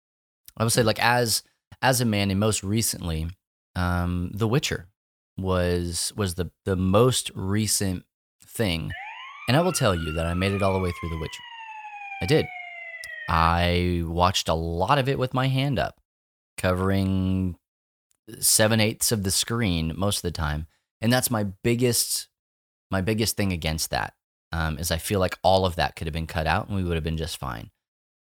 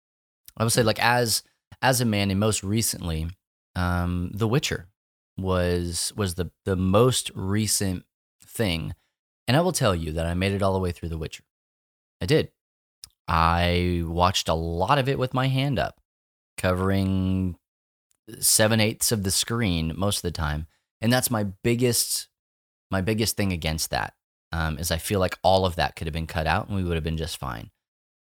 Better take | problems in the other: second | siren; faint; from 9 to 13 s; peak 10 dB below the speech

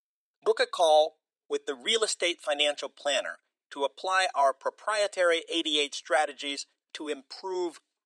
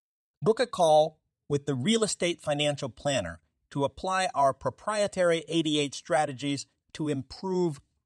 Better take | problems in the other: second | thin; very; fading below 350 Hz

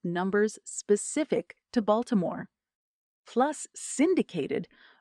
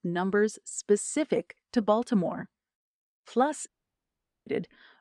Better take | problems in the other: first | audio cutting out; at 3.5 s for 1 s

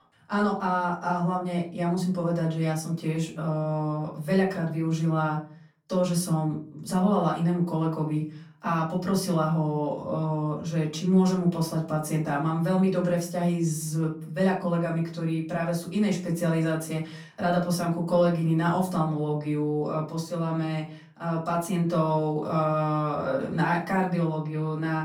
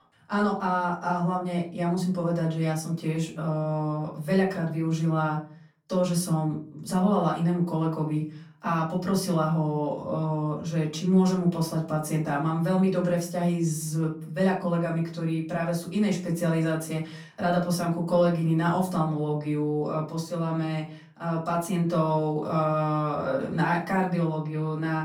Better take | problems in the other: neither | room echo; slight; dies away in 0.4 s; the same in both // off-mic speech; far; the same in both

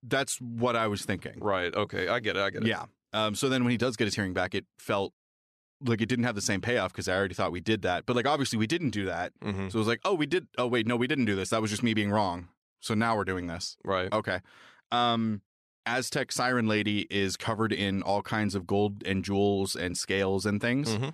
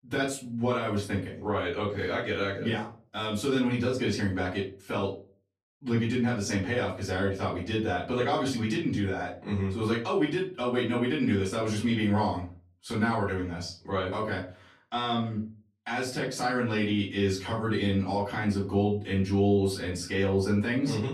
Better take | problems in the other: first | off-mic speech; far // room echo; slight; dies away in 0.3 s

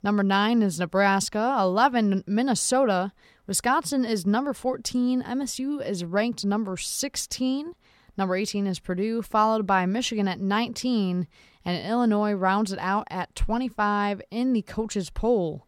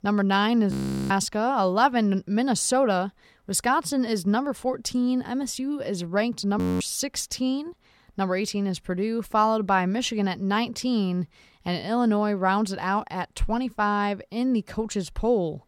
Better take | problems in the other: first | audio freezing; at 0.5 s and at 6.5 s

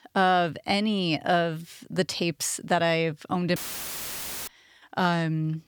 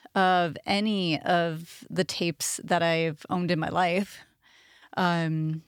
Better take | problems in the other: second | audio cutting out; filled with static; at 3.5 s for 1 s

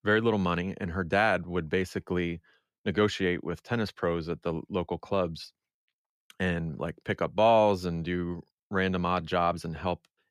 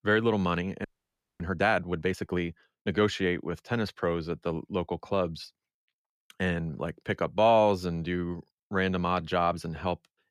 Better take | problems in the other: first | audio freezing; at 1 s for 0.5 s

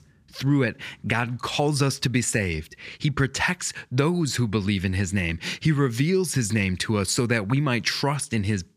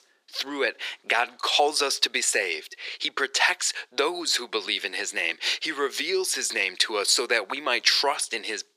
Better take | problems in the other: first | thin; very; fading below 400 Hz

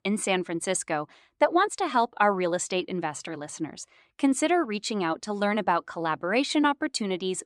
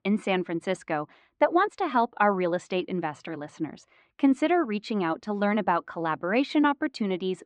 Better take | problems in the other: first | muffled; slightly; fading above 3 kHz

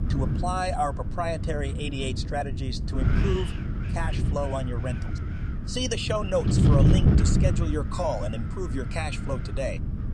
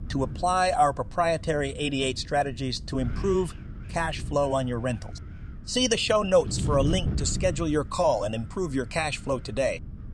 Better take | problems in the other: second | wind noise on the microphone; heavy; 6 dB below the speech; occasional gusts in the second

